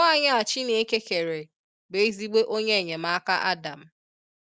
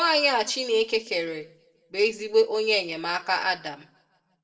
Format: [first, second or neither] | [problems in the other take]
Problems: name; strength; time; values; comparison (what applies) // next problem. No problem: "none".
first | room echo; dies away in 0.6 s